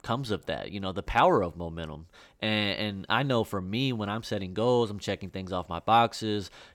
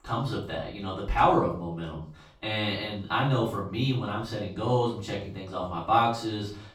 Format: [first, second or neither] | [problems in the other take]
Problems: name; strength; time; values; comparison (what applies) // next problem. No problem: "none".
first | off-mic speech; far // room echo; slight; dies away in 0.4 s